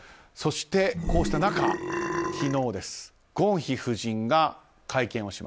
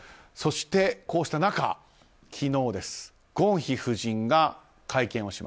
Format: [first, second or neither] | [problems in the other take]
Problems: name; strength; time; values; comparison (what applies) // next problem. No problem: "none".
second | background sound (Burping, eructation); 1 dB below the speech